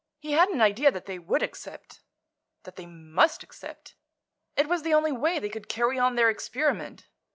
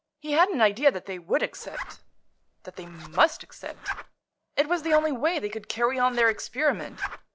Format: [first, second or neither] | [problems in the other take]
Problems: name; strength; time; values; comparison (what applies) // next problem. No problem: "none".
first | background sound (Zipper (clothing)); 14 dB below the speech